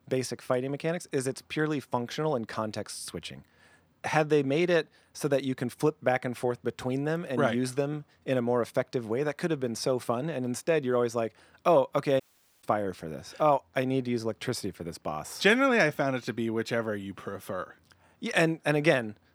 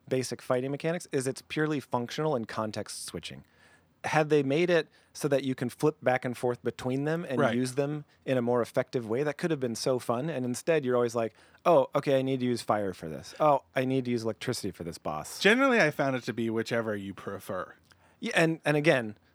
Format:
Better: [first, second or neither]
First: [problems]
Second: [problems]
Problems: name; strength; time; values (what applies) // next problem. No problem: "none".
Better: second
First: audio cutting out; at 12 s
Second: none